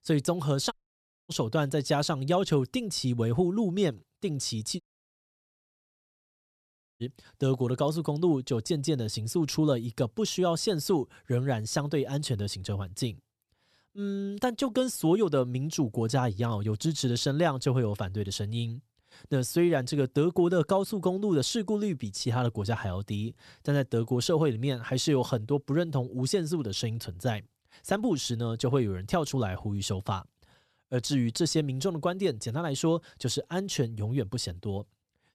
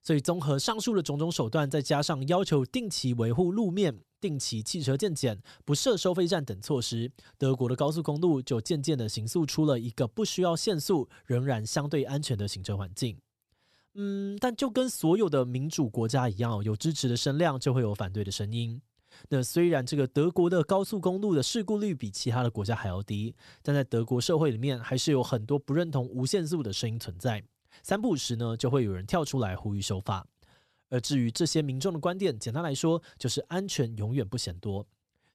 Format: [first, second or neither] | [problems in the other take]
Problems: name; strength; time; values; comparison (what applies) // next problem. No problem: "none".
second | audio cutting out; at 0.5 s for 0.5 s and at 5 s for 2 s